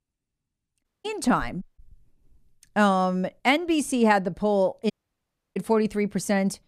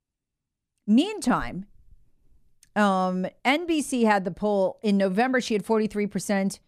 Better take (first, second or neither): second